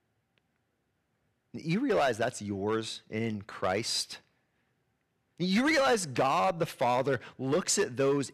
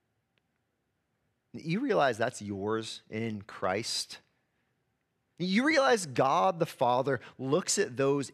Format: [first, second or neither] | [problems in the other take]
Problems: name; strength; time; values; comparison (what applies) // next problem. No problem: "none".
second | distortion; slight; 5% of the sound clipped